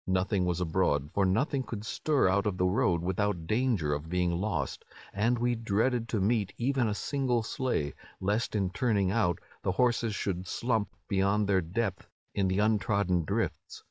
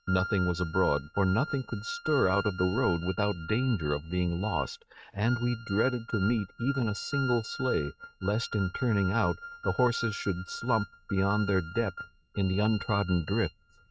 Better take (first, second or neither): first